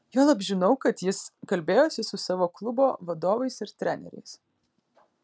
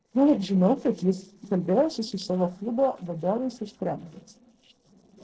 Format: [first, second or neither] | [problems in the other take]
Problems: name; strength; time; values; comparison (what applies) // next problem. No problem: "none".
first | noise reduction (neural separator model SepFormer DNS4)